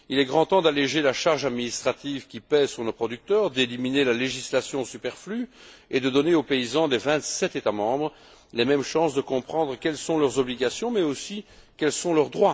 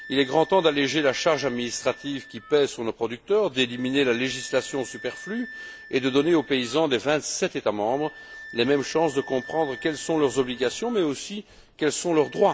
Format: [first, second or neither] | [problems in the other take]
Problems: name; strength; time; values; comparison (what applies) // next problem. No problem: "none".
first | background sound (Wind instrument, woodwind instrument); 19 dB below the speech